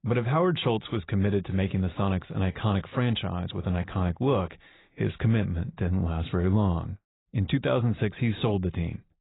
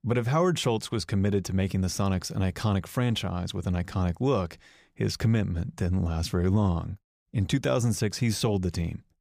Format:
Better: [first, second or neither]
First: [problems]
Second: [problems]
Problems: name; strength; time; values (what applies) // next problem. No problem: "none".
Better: second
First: garbled, watery; badly; nothing above 4 kHz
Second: none